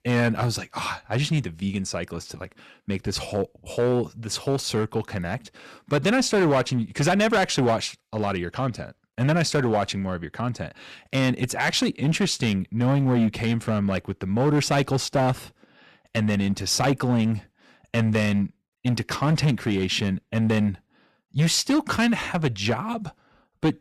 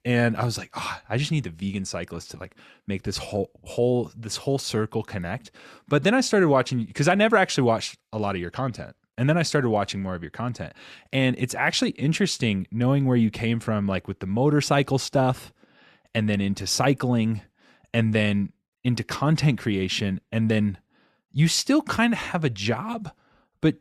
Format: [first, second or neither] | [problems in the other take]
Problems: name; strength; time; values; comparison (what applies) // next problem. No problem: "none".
second | distortion; slight; 7% of the sound clipped